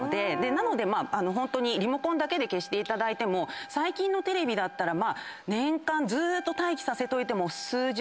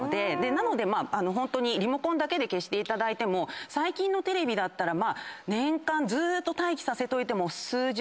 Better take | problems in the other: second | background sound (Trumpet); 18 dB below the speech

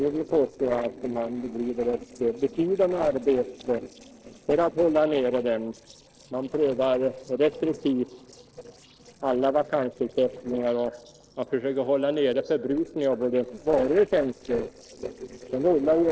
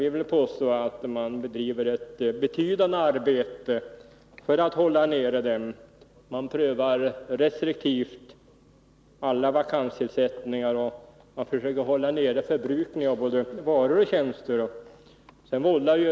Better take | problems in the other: second | noise reduction (neural separator model SepFormer DNS4)

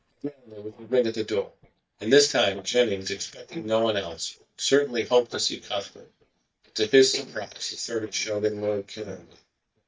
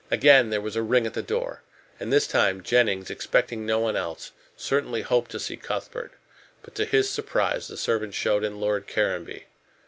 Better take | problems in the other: second | noise reduction (neural mask model DeepFilterNet 3)

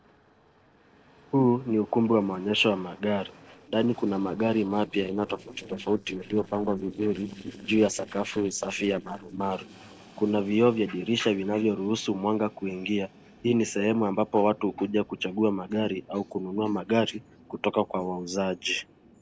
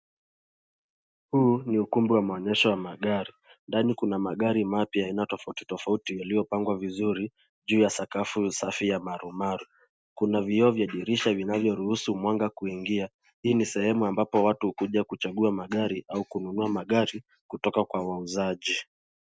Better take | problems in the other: second | noise reduction (neural separator model SepFormer DNS4)

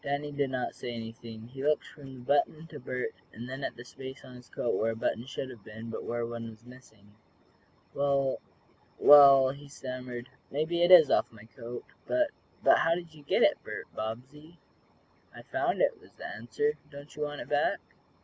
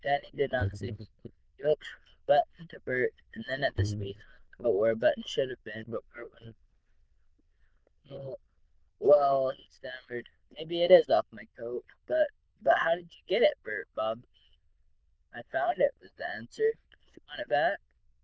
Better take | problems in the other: first | noise reduction (neural diffusion model UNIVERSE++)

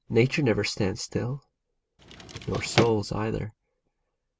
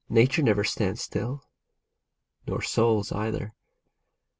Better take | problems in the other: second | background sound (Drawer open or close); 3 dB below the speech

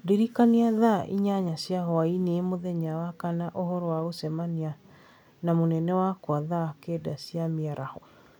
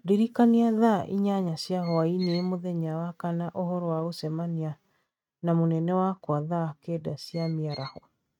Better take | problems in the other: first | noise reduction (neural mask model RNNoise)

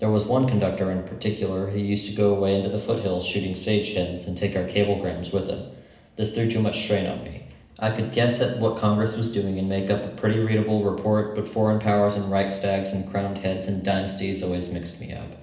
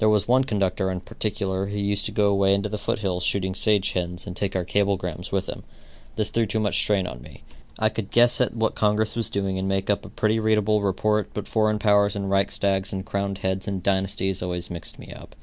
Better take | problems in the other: second | room echo; dies away in 0.8 s

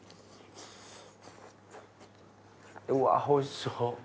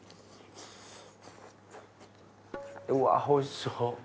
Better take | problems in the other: first | background sound (Tabla); 16 dB below the speech

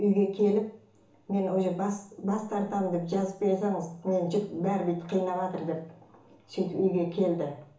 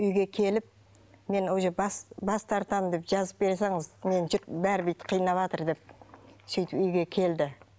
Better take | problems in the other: second | room echo; dies away in 0.8 s

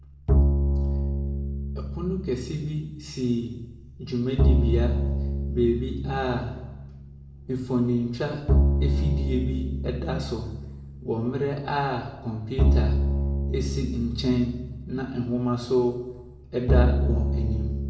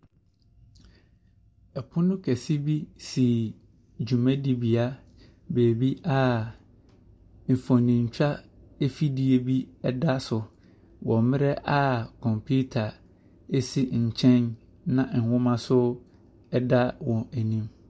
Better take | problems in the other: second | background sound (Bowed string instrument); 3 dB above the speech // room echo; dies away in 0.9 s

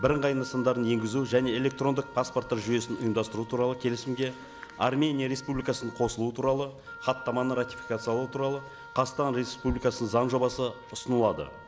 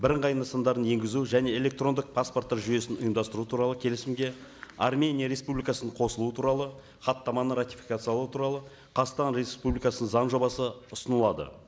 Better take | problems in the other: second | background sound (Wind instrument, woodwind instrument); 17 dB below the speech

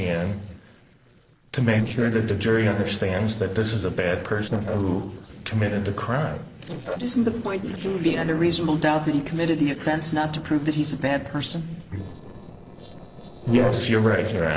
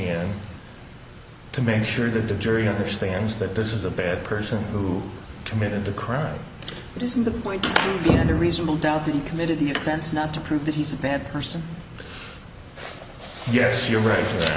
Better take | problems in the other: second | noise reduction (neural separator model SepFormer DNS4)

